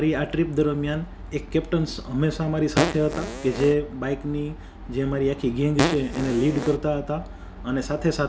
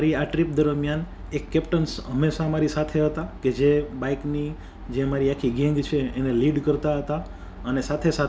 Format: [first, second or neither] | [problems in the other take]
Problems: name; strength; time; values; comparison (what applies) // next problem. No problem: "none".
second | background sound (Fart); 3 dB below the speech